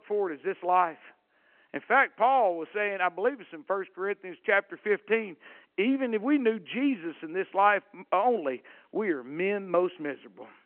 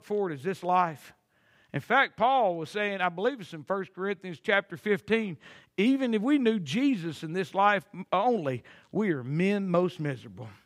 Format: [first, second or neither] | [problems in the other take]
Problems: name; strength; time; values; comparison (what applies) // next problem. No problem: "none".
second | phone-call audio